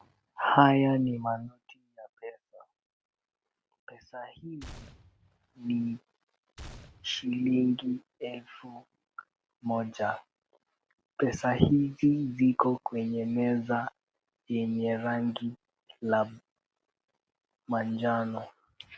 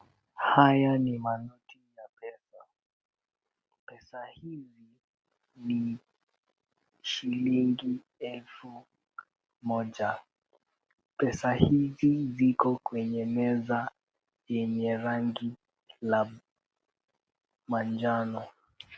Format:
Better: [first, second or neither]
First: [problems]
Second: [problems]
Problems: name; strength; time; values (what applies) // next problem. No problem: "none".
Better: second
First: background sound (Gunshot, gunfire); 19 dB below the speech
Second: none